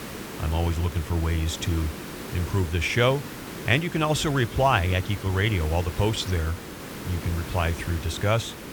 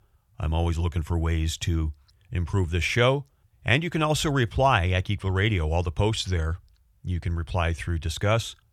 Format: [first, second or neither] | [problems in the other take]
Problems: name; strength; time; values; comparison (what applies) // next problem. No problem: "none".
second | hiss; noticeable; throughout; 10 dB below the speech